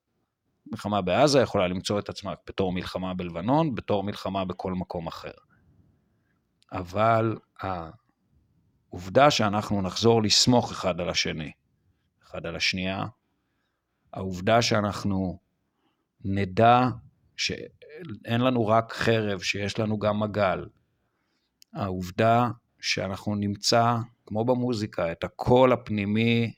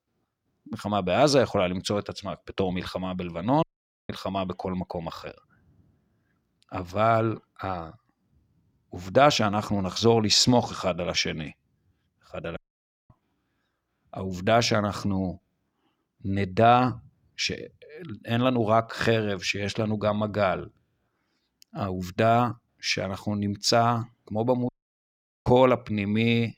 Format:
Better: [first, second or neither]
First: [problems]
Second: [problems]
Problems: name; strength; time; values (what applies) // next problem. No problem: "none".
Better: first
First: none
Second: audio cutting out; at 3.5 s, at 13 s for 0.5 s and at 25 s for 1 s